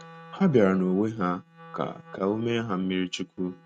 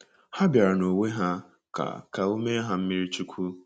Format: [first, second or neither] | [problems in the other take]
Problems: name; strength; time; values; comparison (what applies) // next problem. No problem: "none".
second | noise reduction (neural mask model RNNoise)